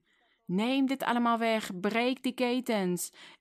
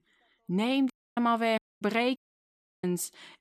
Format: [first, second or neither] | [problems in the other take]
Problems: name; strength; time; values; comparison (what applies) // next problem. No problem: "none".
first | audio cutting out; at 1 s, at 1.5 s and at 2 s for 0.5 s